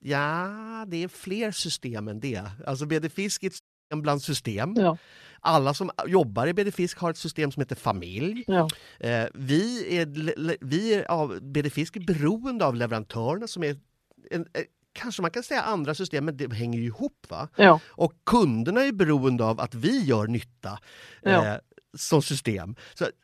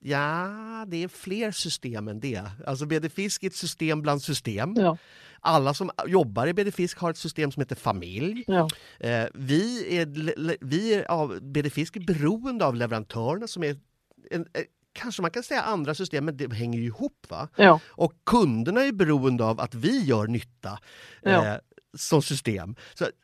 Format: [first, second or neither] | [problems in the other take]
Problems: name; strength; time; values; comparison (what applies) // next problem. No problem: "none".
second | audio cutting out; at 3.5 s